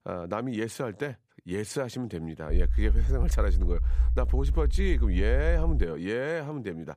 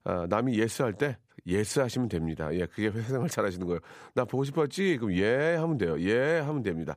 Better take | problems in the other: second | low rumble; noticeable; from 2.5 to 6 s; 15 dB below the speech

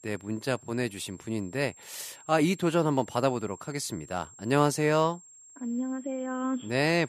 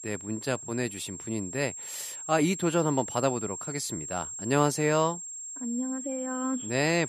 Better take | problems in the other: first | high-pitched whine; loud; throughout; 7.5 kHz, 7 dB below the speech; faint in the first

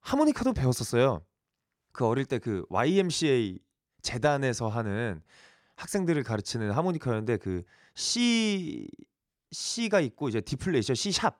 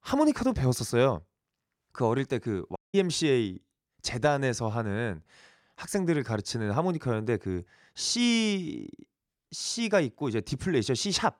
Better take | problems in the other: first | audio cutting out; at 3 s

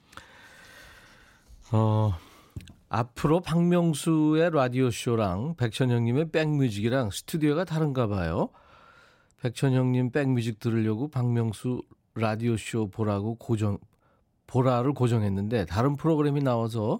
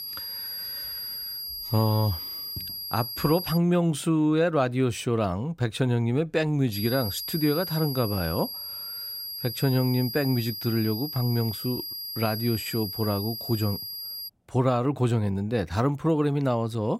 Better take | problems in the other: first | high-pitched whine; loud; until 3.5 s and from 6.5 to 14 s; 5 kHz, 6 dB below the speech

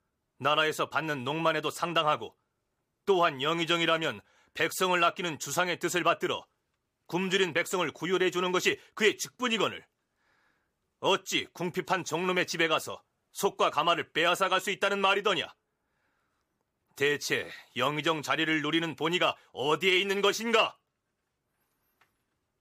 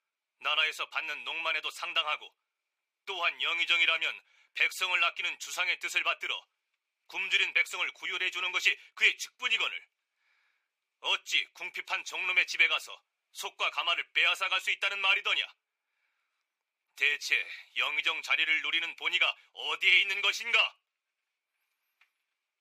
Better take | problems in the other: first | thin; very; fading below 800 Hz

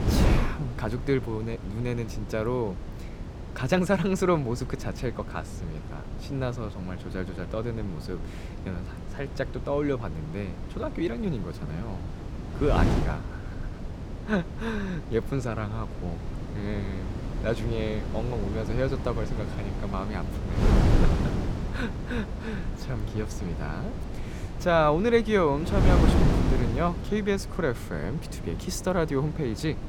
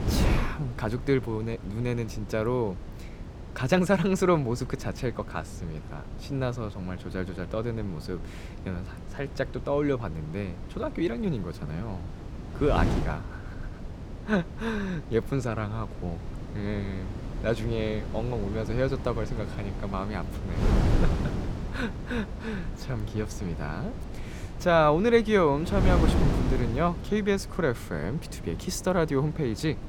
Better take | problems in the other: second | wind noise on the microphone; heavy; 8 dB below the speech; occasional gusts in the second

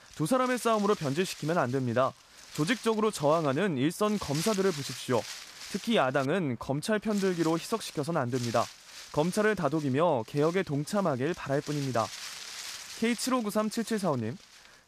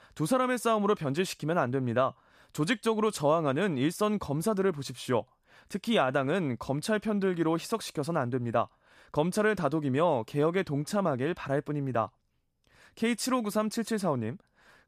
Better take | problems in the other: second | wind noise on the microphone; occasional gusts; 15 dB below the speech

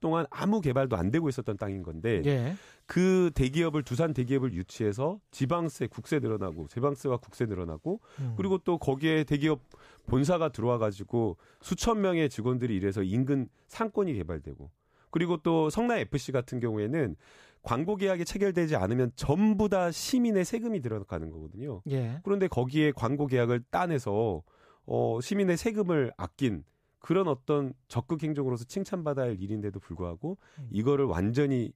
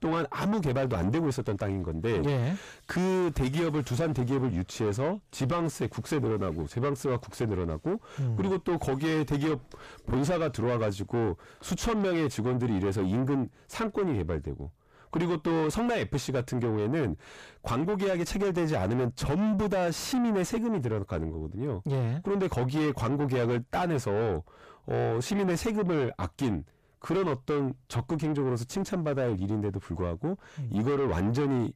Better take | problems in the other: first | distortion; heavy; 6 dB below the speech

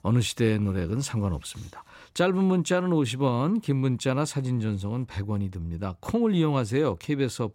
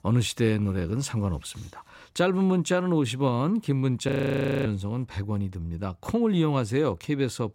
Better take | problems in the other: first | audio freezing; at 4 s for 0.5 s

